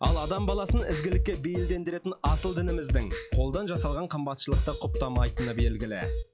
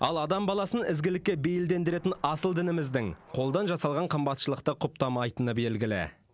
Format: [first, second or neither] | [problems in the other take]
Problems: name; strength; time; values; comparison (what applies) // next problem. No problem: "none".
second | noise reduction (classical method log-MMSE)